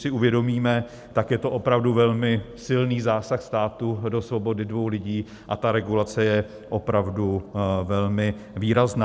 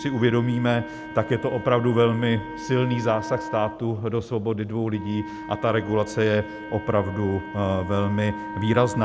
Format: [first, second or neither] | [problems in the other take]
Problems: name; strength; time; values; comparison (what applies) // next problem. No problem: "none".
first | background sound (Wind instrument, woodwind instrument); 12 dB below the speech